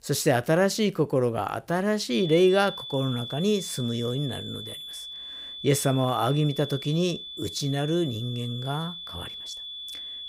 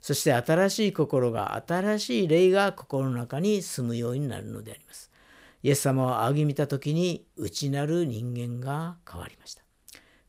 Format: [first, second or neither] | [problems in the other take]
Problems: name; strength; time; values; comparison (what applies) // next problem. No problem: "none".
second | high-pitched whine; noticeable; from 2 s on; 3.5 kHz, 10 dB below the speech